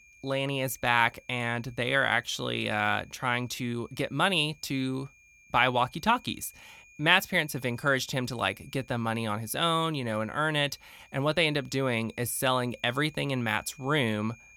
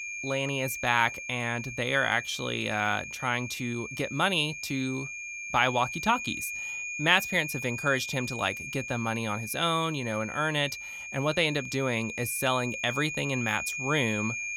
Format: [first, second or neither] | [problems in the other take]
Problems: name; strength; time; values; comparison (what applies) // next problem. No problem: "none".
first | high-pitched whine; loud; throughout; 2.5 kHz, 7 dB below the speech; faint in the first